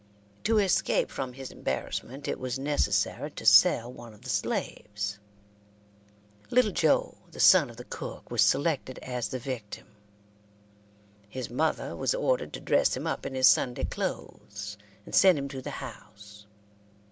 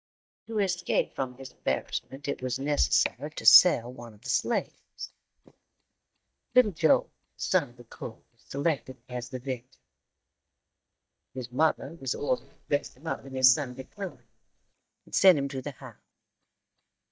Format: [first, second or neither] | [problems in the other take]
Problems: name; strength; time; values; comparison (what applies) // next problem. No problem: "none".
first | noise reduction (neural mask model DeepFilterNet 3)